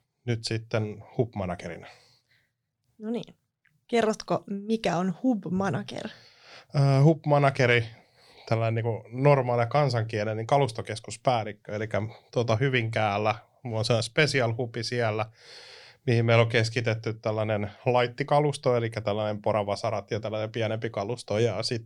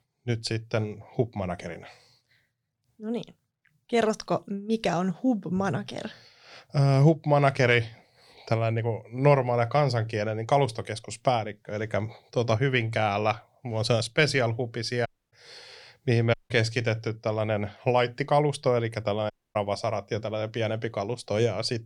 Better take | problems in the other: first | audio cutting out; at 15 s, at 16 s and at 19 s

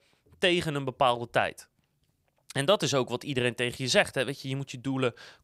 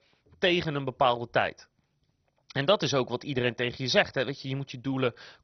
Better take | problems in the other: first | garbled, watery; badly; nothing above 6 kHz

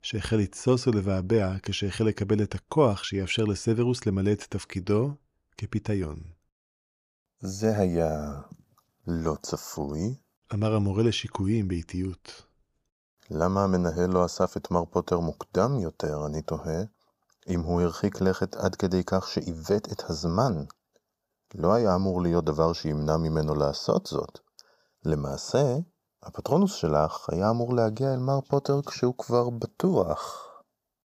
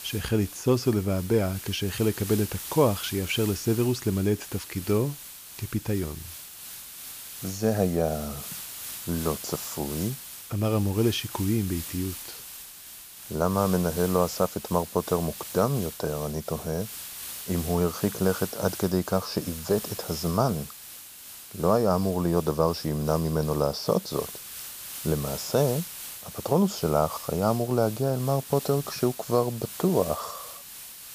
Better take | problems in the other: first | hiss; noticeable; throughout; 10 dB below the speech

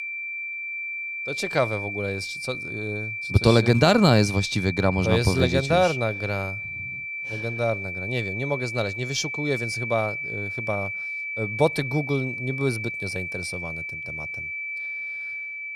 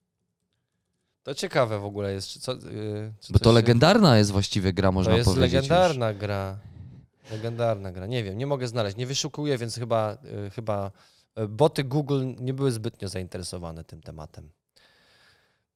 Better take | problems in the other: second | high-pitched whine; loud; throughout; 2.5 kHz, 5 dB below the speech

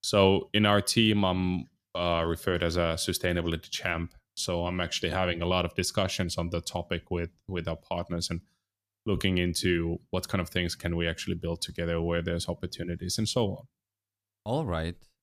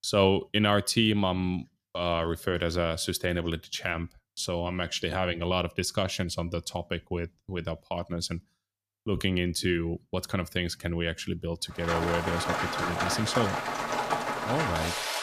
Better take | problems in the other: first | rain or running water; loud; from 12 s on; 1 dB below the speech

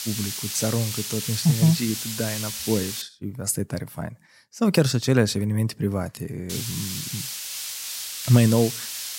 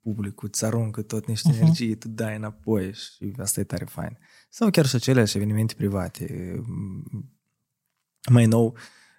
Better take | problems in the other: second | hiss; loud; until 3 s and from 6.5 s on; 5 dB below the speech

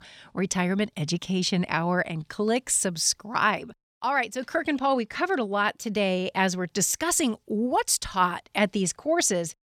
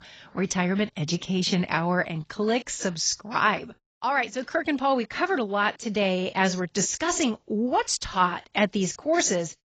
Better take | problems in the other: first | garbled, watery; badly; nothing above 7.5 kHz

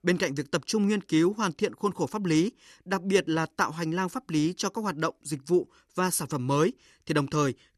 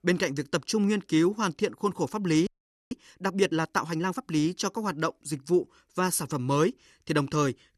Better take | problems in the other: first | audio freezing; at 2.5 s

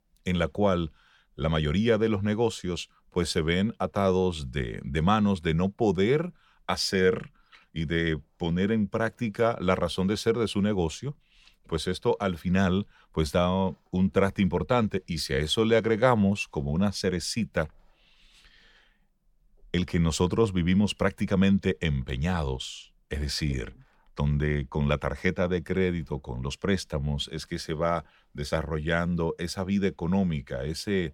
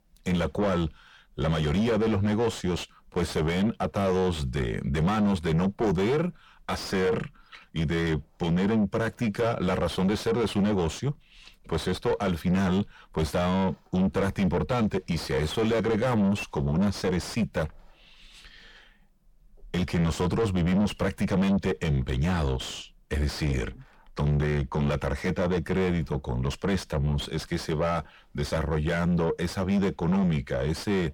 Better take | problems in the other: first | distortion; heavy; 6 dB below the speech

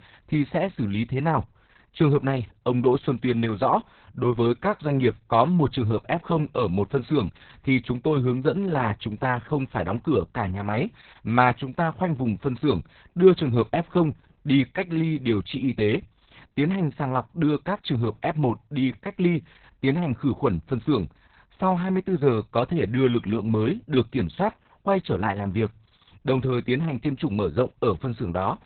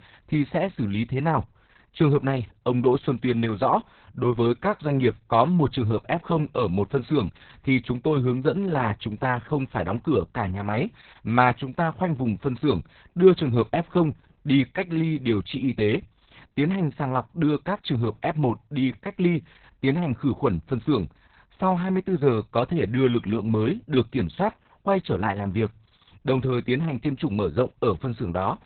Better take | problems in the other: neither | garbled, watery; badly; nothing above 4 kHz; the same in both

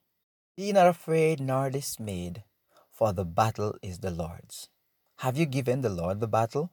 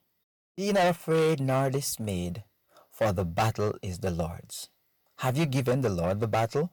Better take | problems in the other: first | distortion; heavy; 8% of the sound clipped

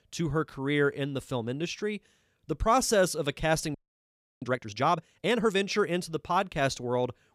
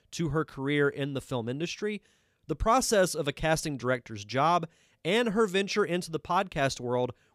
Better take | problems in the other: second | audio freezing; at 3.5 s for 0.5 s

